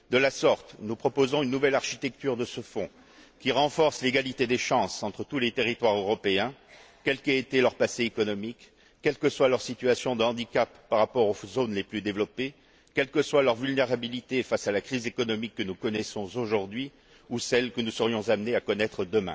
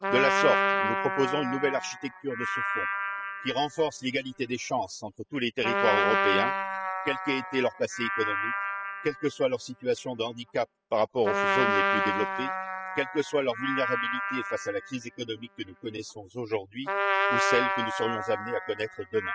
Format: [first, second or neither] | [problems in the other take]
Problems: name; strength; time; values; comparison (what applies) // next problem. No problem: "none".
first | noise reduction (classical method spectral subtraction)